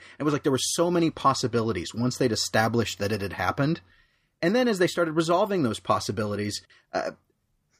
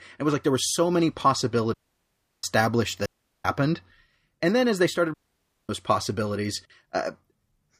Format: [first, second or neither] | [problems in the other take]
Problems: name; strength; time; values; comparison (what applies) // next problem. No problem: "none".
first | audio cutting out; at 1.5 s for 0.5 s, at 3 s and at 5 s for 0.5 s